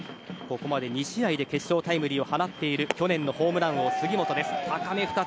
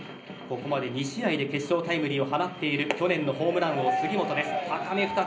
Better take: first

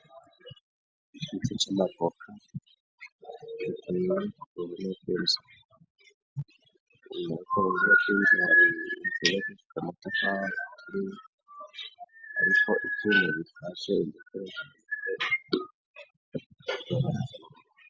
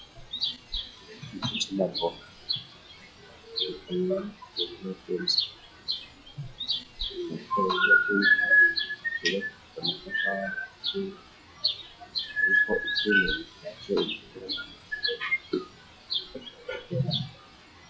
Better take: first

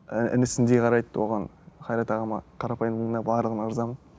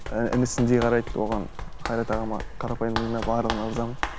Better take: first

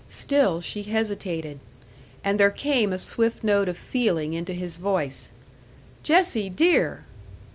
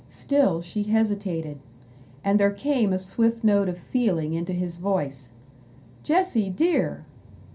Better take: first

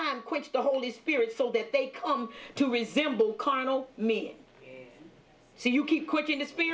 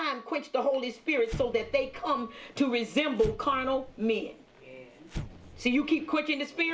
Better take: first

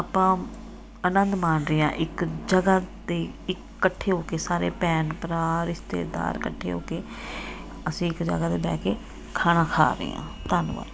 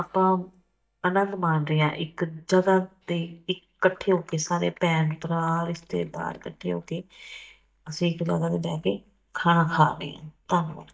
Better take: first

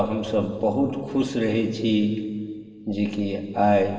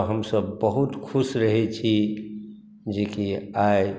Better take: second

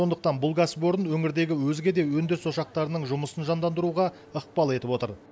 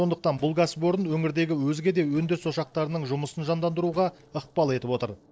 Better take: first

